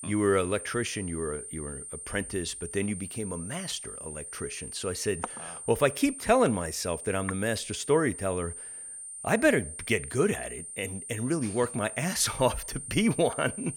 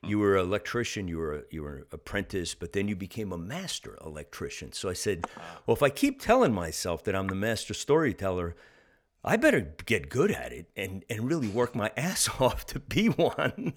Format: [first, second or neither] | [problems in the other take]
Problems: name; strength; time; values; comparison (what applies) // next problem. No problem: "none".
second | high-pitched whine; loud; throughout; 8.5 kHz, 9 dB below the speech